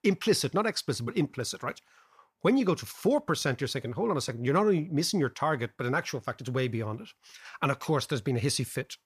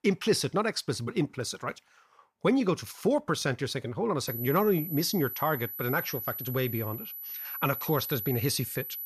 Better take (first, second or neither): first